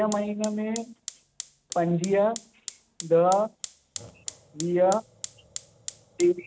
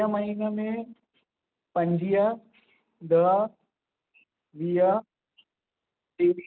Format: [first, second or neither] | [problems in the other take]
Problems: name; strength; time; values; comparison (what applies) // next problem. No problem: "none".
second | background sound (Fire); 14 dB below the speech